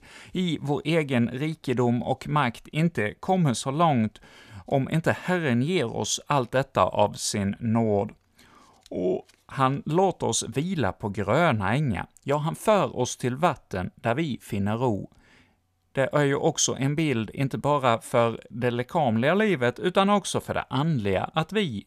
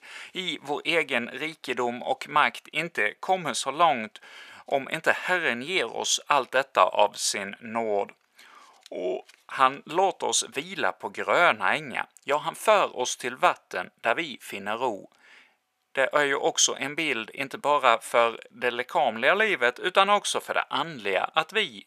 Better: first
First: none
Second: thin; very; fading below 500 Hz

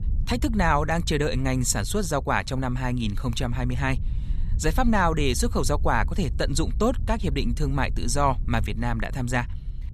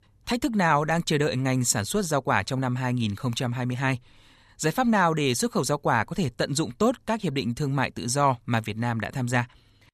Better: second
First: wind noise on the microphone; occasional gusts; 25 dB below the speech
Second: none

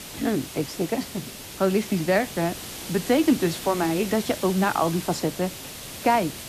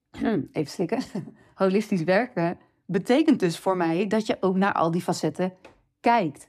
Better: second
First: hiss; noticeable; throughout; 10 dB below the speech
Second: none

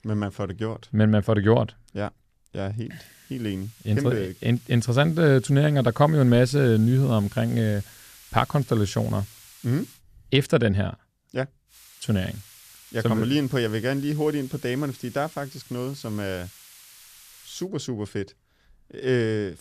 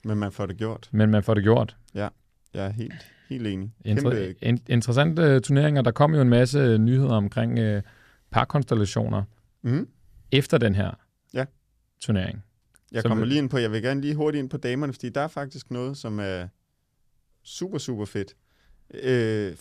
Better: second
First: hiss; faint; from 3 to 10 s and from 12 to 18 s; 25 dB below the speech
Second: none

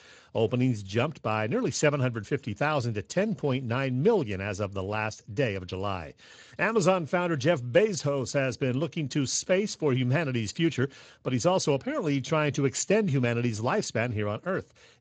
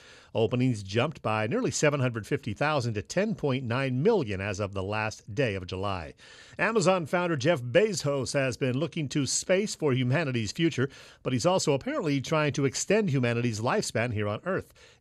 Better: second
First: garbled, watery; slightly; nothing above 7.5 kHz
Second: none

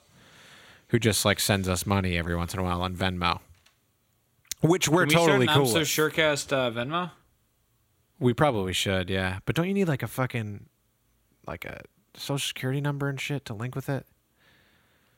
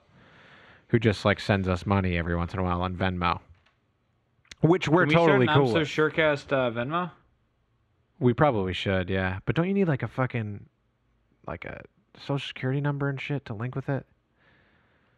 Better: first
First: none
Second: muffled; slightly; fading above 2.5 kHz

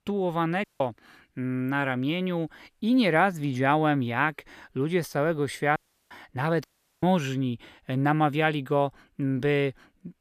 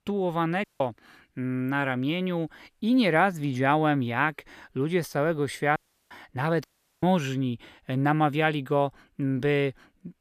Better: neither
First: audio cutting out; at 0.5 s, at 6 s and at 6.5 s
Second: audio cutting out; at 0.5 s, at 6 s and at 6.5 s

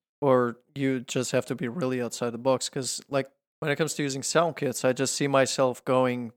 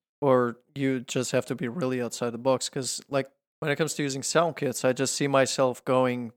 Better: neither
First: none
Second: none

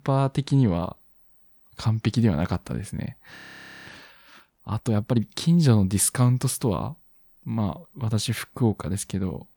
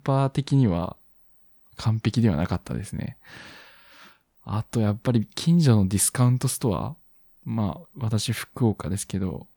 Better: second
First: audio freezing; at 3.5 s for 0.5 s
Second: none

